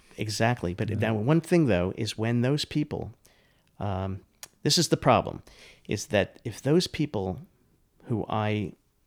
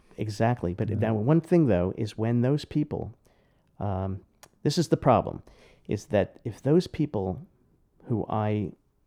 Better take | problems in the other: first | muffled; slightly; fading above 1.5 kHz

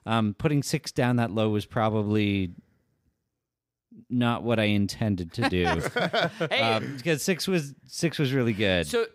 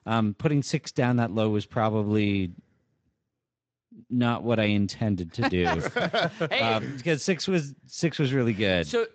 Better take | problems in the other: first | garbled, watery; slightly; nothing above 8 kHz

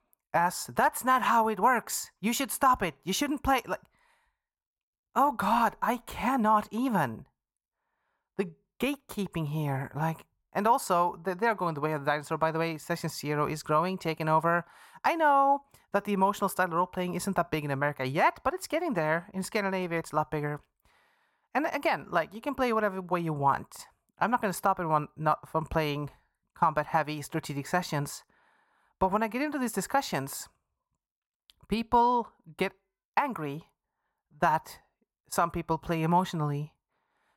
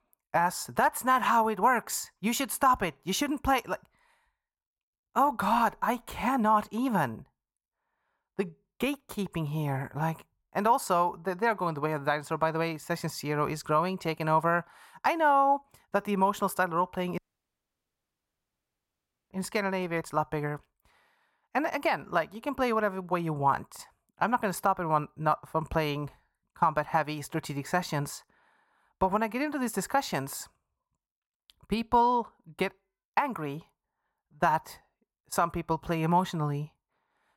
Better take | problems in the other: first | audio cutting out; at 17 s for 2 s

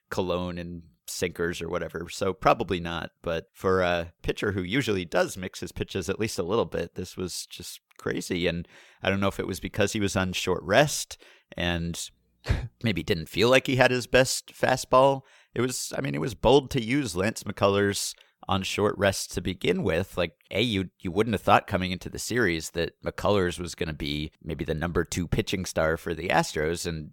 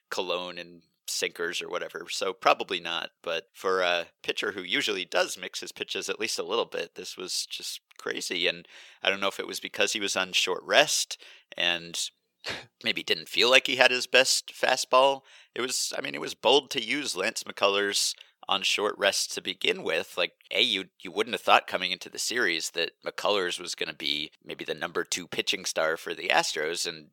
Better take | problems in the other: first | thin; somewhat; fading below 400 Hz

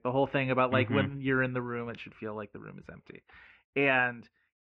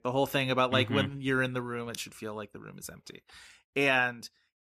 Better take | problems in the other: second | muffled; very; fading above 2.5 kHz

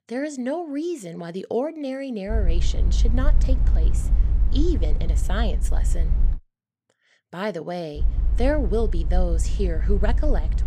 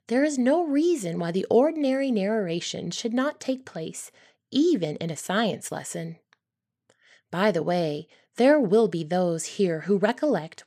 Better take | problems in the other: second | low rumble; noticeable; from 2.5 to 6.5 s and from 8 s on; 15 dB below the speech

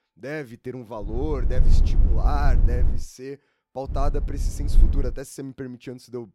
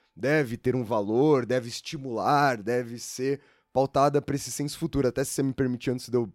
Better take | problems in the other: second | low rumble; loud; from 1 to 3 s and from 4 to 5 s; 8 dB below the speech

